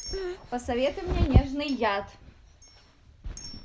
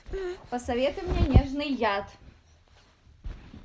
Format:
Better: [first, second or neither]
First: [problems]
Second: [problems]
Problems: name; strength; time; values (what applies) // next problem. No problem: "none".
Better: second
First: background sound (Chink, clink); 20 dB below the speech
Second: none